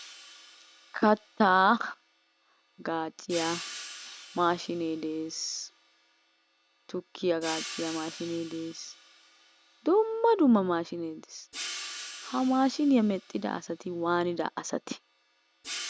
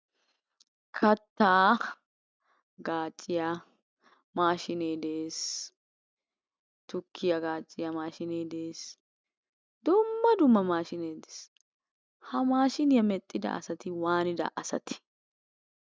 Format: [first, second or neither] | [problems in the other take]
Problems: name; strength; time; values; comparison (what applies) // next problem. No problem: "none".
second | background sound (Hi-hat); 15 dB below the speech